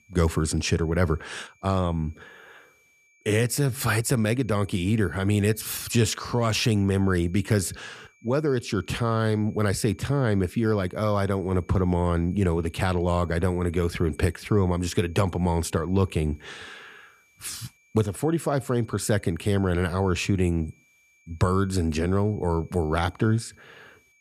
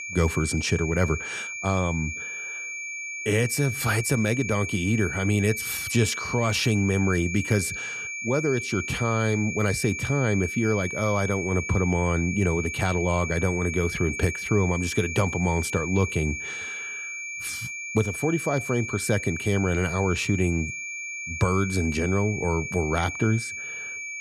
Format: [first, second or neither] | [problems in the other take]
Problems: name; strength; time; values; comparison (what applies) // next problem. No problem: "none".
first | high-pitched whine; loud; throughout; 2.5 kHz, 6 dB below the speech; faint in the first